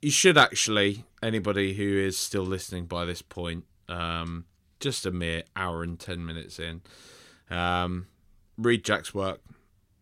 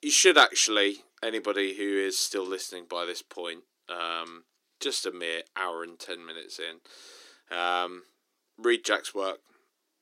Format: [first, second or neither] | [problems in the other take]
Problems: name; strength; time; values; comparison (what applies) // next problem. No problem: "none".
first | thin; somewhat; fading below 300 Hz